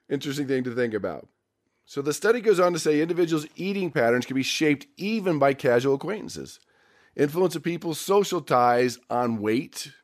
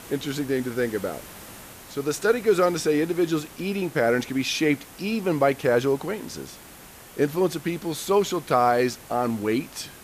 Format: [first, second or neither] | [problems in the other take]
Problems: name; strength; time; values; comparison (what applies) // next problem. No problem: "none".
first | hiss; noticeable; throughout; 20 dB below the speech